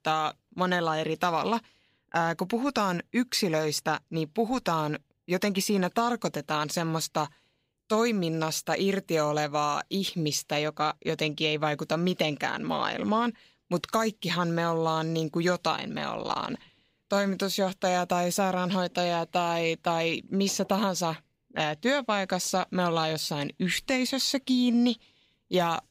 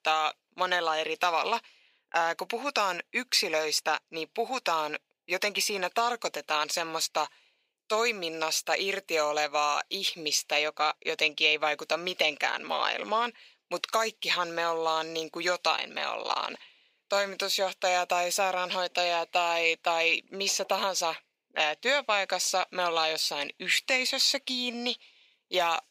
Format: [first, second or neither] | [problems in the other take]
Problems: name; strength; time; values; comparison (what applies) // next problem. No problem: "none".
first | thin; very; fading below 600 Hz